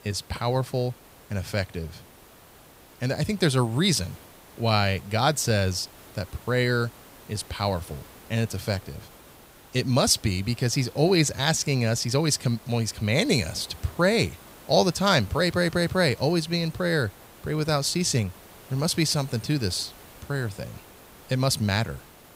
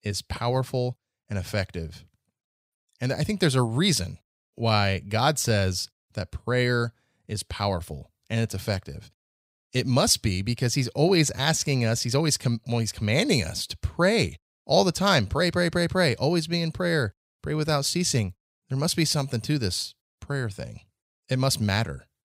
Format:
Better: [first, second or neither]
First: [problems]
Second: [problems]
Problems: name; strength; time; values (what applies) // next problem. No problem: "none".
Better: second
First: hiss; faint; throughout; 20 dB below the speech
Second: none